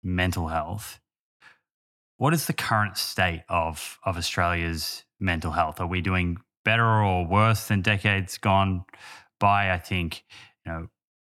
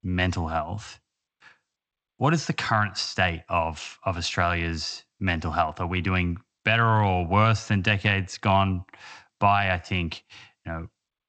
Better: first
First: none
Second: garbled, watery; slightly; nothing above 7.5 kHz

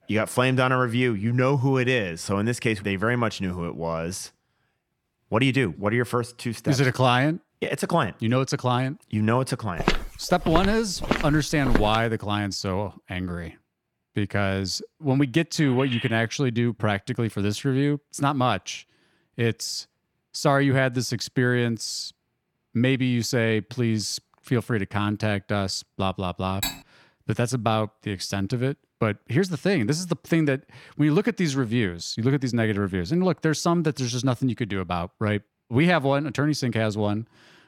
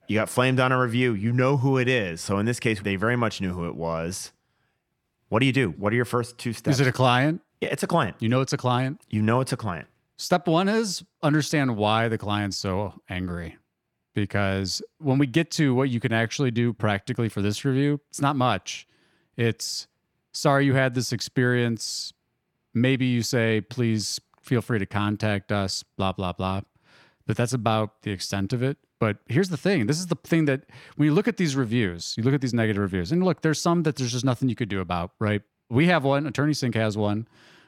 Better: second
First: footsteps; noticeable; from 10 to 12 s; peak 2 dB below the speech // phone ringing; noticeable; at 16 s; peak 8 dB below the speech // clattering dishes; noticeable; at 27 s; peak 5 dB below the speech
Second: none

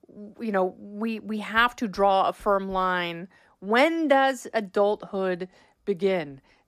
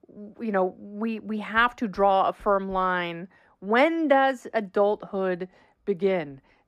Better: first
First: none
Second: muffled; slightly; fading above 3.5 kHz

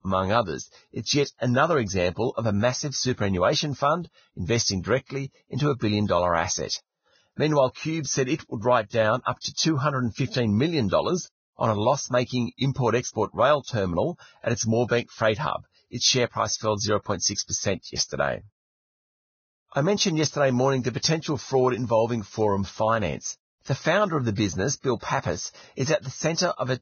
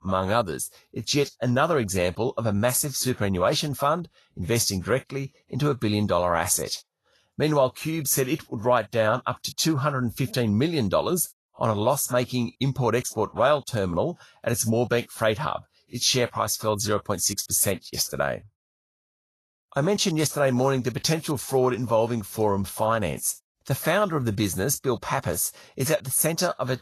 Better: second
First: garbled, watery; badly; nothing above 6.5 kHz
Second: garbled, watery; slightly; nothing above 12.5 kHz

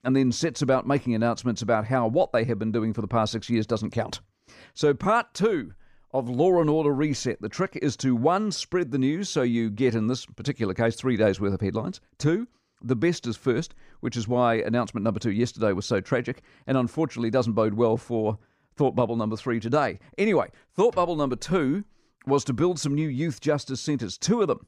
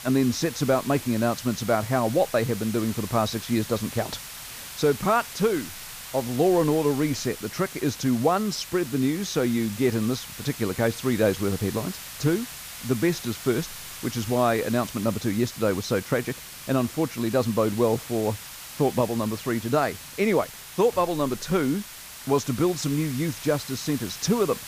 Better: first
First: none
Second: hiss; noticeable; throughout; 10 dB below the speech

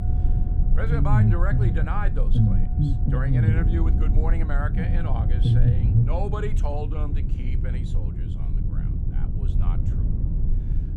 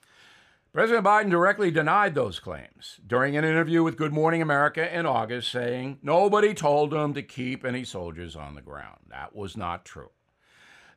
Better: second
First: low rumble; loud; throughout; 2 dB below the speech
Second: none

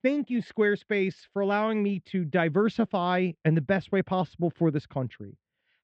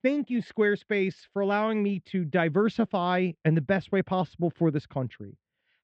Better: neither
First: muffled; very slightly; fading above 3 kHz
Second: muffled; very slightly; fading above 3 kHz

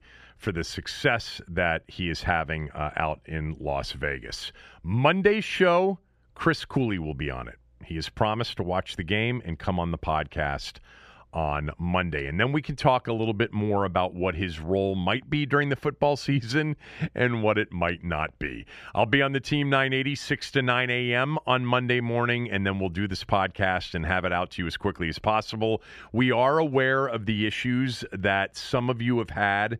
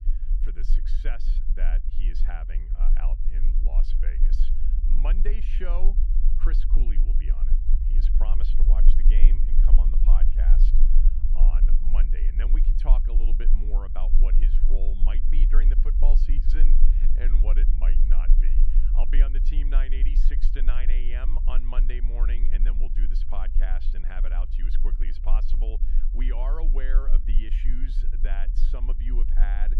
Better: first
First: none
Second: low rumble; loud; throughout; 8 dB below the speech

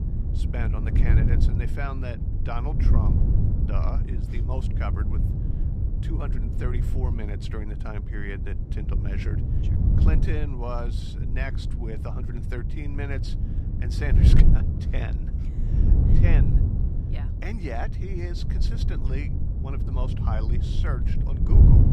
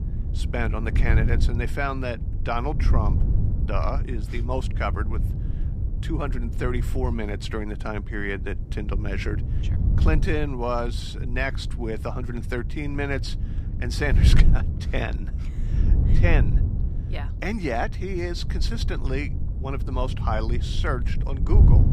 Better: second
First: wind noise on the microphone; heavy; 1 dB below the speech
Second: wind noise on the microphone; occasional gusts; 10 dB below the speech

